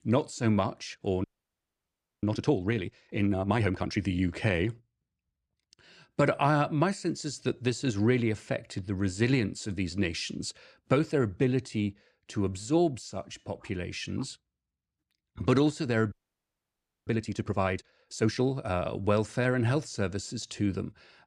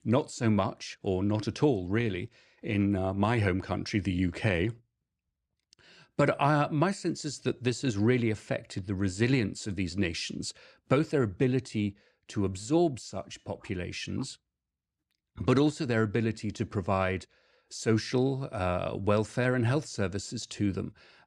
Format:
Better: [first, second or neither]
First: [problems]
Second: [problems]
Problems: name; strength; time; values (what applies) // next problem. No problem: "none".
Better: second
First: audio freezing; at 1 s for 1 s and at 16 s for 1 s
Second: none